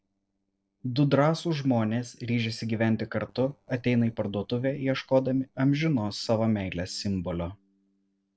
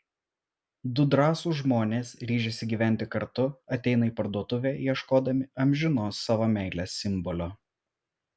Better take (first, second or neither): second